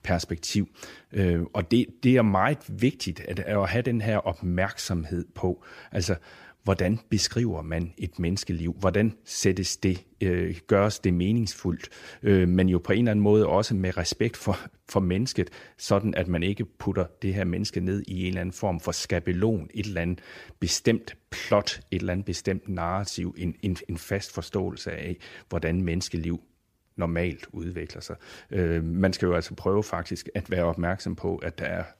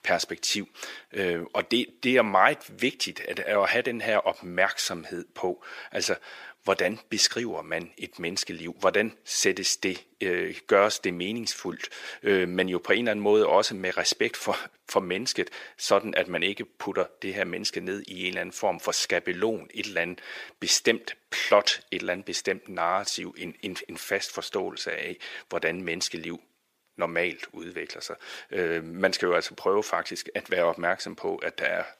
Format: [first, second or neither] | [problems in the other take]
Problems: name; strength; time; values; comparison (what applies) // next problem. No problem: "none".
first | thin; somewhat; fading below 450 Hz